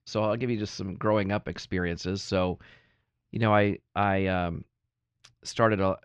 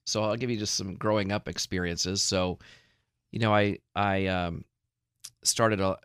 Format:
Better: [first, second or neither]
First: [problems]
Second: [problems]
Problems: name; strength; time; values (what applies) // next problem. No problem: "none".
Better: second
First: muffled; slightly; fading above 2.5 kHz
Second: none